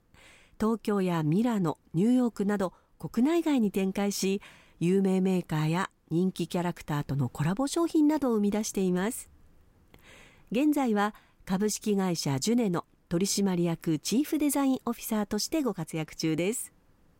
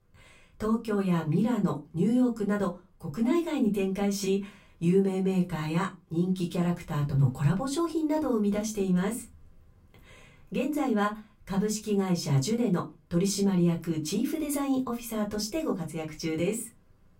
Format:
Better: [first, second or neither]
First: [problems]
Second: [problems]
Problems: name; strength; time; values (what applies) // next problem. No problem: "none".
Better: first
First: none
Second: off-mic speech; far // room echo; very slight; dies away in 0.2 s